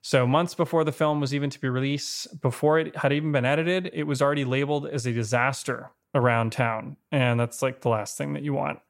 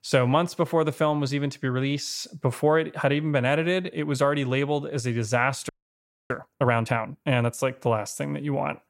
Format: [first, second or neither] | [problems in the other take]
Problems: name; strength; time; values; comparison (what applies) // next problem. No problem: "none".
first | audio freezing; at 5.5 s for 0.5 s